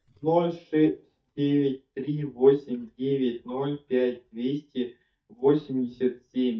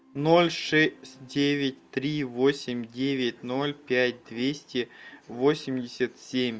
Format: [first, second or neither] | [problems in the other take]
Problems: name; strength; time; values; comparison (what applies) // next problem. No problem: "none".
second | noise reduction (neural mask model DeepFilterNet 3)